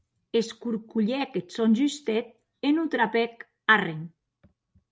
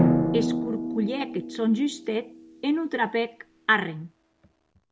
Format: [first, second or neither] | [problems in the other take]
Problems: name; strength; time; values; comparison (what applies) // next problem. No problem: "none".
first | background sound (Drum); 1 dB below the speech